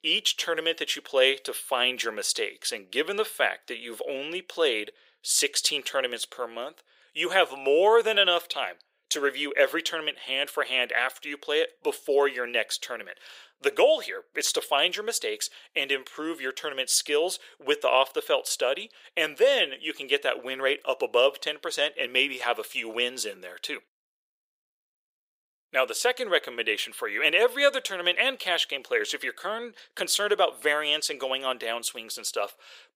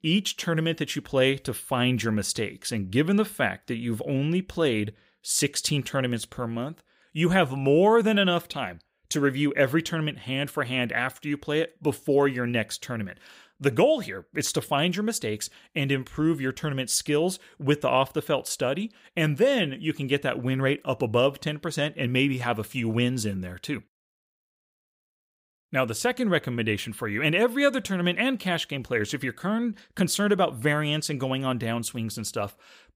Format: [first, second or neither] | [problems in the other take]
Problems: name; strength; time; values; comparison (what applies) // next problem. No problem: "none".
second | thin; very; fading below 450 Hz